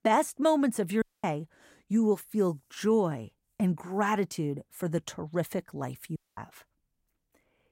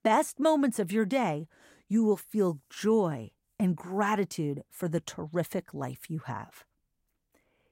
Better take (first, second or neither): second